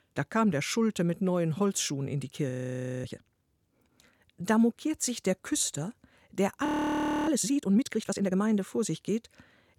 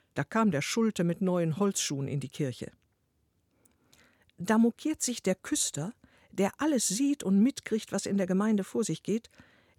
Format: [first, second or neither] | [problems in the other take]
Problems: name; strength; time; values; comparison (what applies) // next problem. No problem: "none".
second | audio freezing; at 2.5 s for 0.5 s and at 6.5 s for 0.5 s